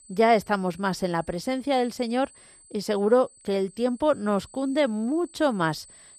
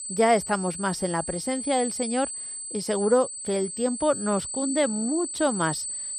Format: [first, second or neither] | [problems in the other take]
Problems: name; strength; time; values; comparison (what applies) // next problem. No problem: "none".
first | high-pitched whine; loud; throughout; 8 kHz, 5 dB below the speech; faint in the first